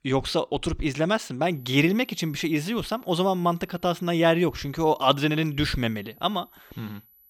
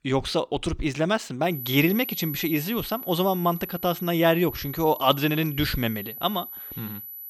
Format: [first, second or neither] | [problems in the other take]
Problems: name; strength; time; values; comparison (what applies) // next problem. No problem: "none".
first | high-pitched whine; loud; from 1.5 s on; 12 kHz, 10 dB below the speech; faint in the first